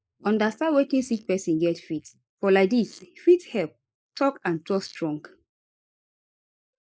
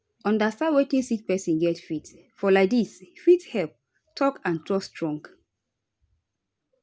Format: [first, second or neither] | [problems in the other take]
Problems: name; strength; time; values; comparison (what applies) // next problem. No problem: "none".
second | noise reduction (neural mask model Resemble Enhance denoiser)